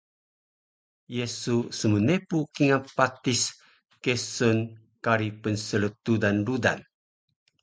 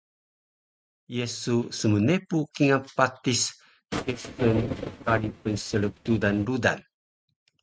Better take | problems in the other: first | noise reduction (neural mask model RNNoise)

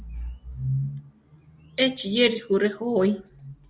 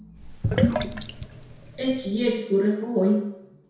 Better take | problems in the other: first | background sound (Sink (filling or washing)); 2 dB below the speech // room echo; dies away in 0.7 s

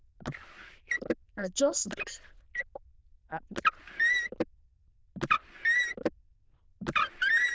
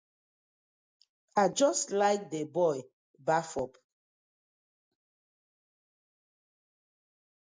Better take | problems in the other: second | noise reduction (neural diffusion model UNIVERSE++)

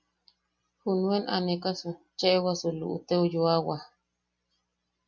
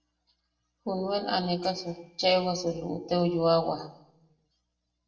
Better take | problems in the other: first | noise reduction (neural separator model SepFormer DNS4)

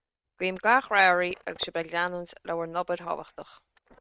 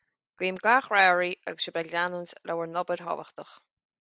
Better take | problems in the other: second | noise reduction (neural mask model RNNoise)

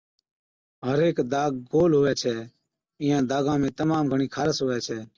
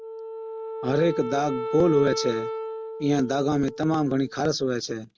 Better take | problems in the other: first | background sound (Wind instrument, woodwind instrument); 8 dB below the speech

